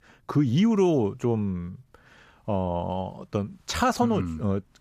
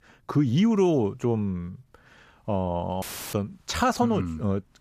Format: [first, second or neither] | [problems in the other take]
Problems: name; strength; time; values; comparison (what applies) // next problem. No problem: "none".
first | audio cutting out; filled with static; at 3 s